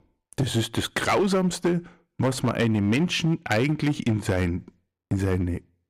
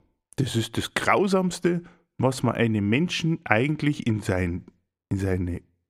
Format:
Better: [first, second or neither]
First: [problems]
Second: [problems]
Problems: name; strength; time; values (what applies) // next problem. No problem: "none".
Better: second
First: distortion; slight; 7% of the sound clipped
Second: none